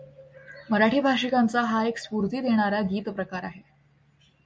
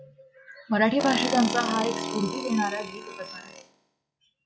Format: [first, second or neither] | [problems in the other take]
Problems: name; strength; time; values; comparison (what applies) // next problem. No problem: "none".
first | noise reduction (classical method log-MMSE)